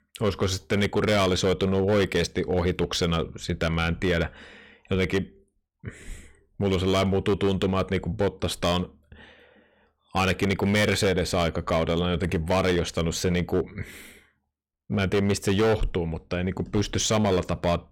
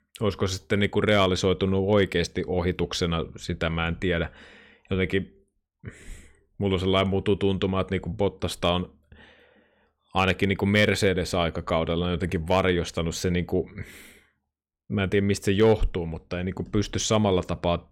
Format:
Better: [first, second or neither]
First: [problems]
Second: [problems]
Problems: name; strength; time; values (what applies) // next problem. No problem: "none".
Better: second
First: distortion; slight; 10% of the sound clipped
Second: none